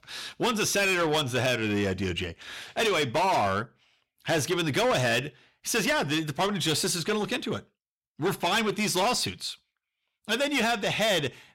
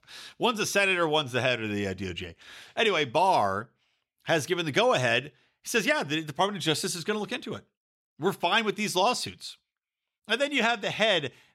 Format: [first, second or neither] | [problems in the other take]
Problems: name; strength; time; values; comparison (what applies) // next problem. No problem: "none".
second | distortion; heavy; 7 dB below the speech